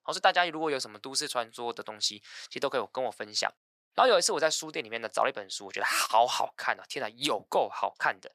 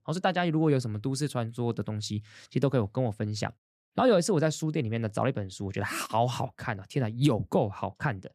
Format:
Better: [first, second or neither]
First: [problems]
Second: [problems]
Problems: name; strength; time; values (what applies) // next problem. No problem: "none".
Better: second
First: thin; very; fading below 800 Hz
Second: none